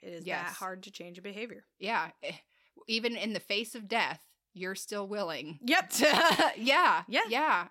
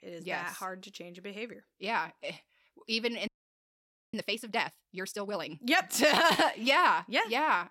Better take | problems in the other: first | audio freezing; at 3.5 s for 1 s

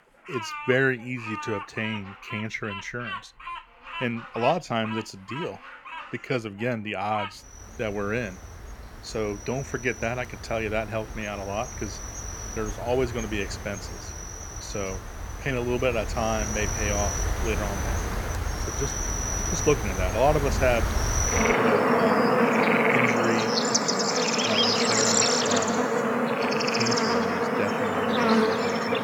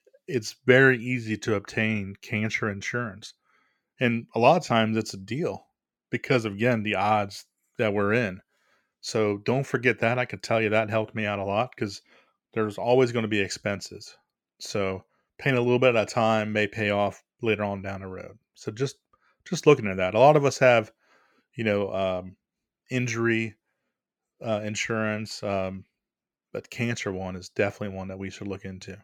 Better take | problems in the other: second | animal sounds; very loud; throughout; 4 dB above the speech

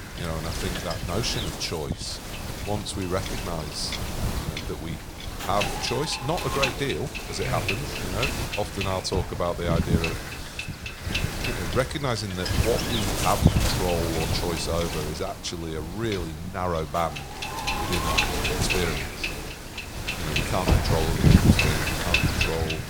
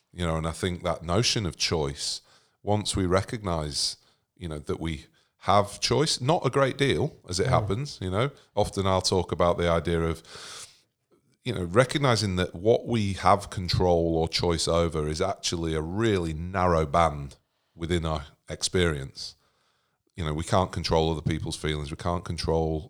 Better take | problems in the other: second | wind noise on the microphone; heavy; 1 dB above the speech

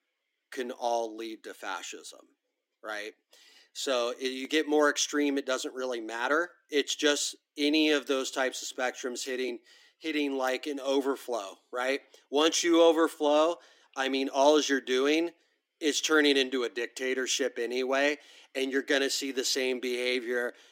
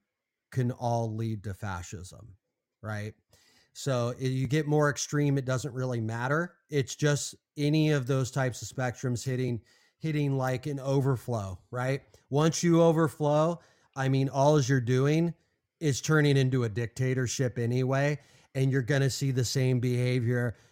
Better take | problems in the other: second | thin; somewhat; fading below 300 Hz

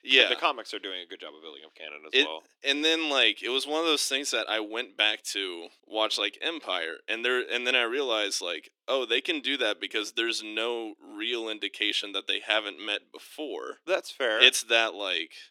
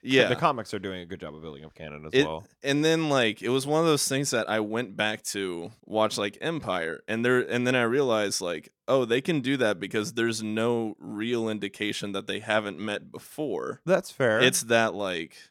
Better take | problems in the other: second | thin; somewhat; fading below 300 Hz

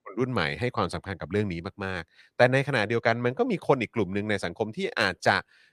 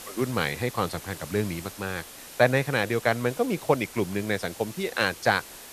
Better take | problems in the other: first | hiss; noticeable; throughout; 15 dB below the speech

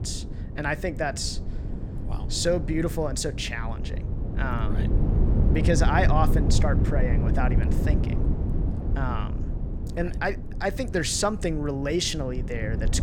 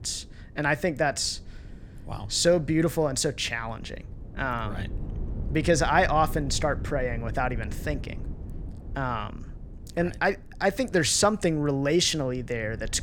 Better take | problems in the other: second | wind noise on the microphone; heavy; 10 dB below the speech; occasional gusts in the second

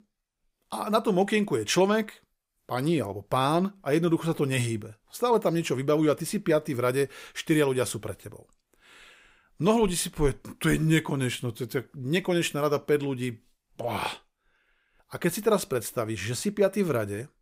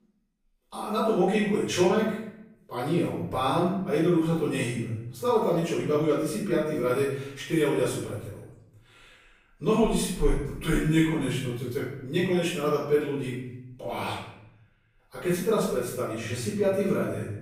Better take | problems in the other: first | off-mic speech; far // room echo; noticeable; dies away in 0.8 s

